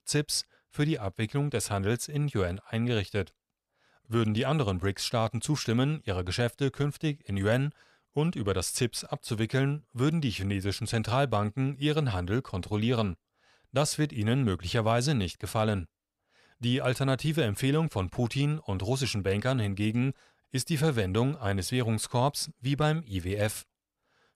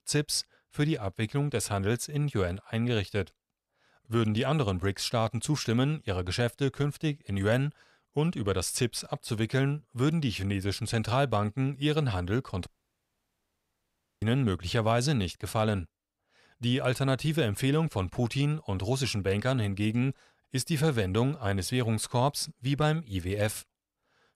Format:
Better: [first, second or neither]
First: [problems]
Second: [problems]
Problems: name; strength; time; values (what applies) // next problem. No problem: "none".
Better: first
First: none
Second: audio cutting out; at 13 s for 1.5 s